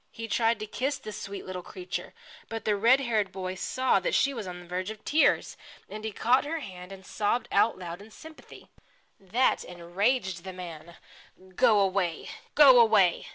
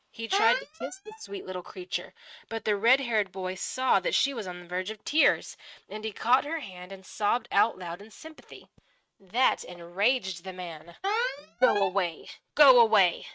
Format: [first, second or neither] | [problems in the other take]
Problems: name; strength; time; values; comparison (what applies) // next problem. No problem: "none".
first | noise reduction (neural mask model RNNoise)